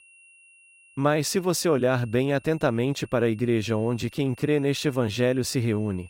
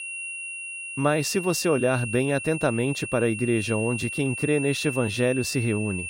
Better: first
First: high-pitched whine; faint; throughout; 2.5 kHz, 25 dB below the speech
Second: high-pitched whine; loud; throughout; 2.5 kHz, 7 dB below the speech

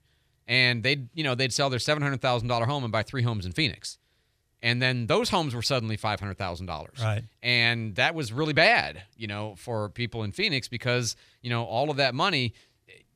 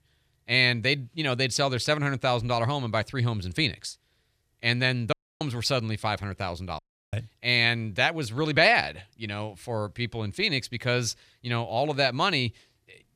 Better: first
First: none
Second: audio cutting out; at 5 s and at 7 s

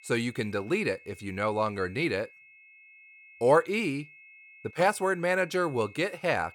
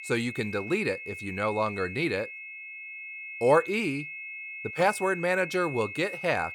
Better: first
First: high-pitched whine; faint; throughout; 2.5 kHz, 25 dB below the speech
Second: high-pitched whine; loud; throughout; 2.5 kHz, 10 dB below the speech

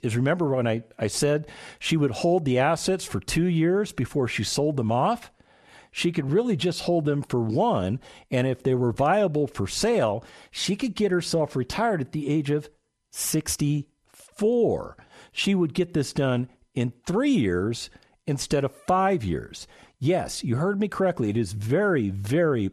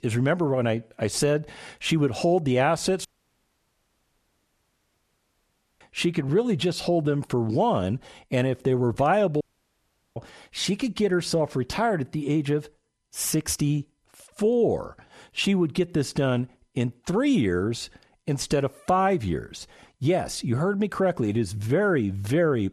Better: first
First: none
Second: audio cutting out; at 3 s for 3 s and at 9.5 s for 1 s

